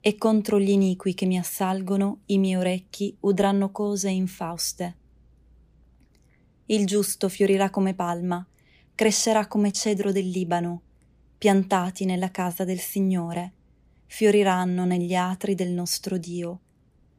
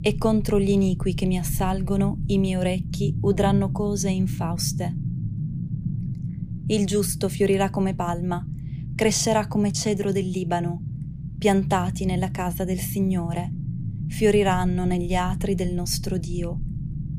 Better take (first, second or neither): first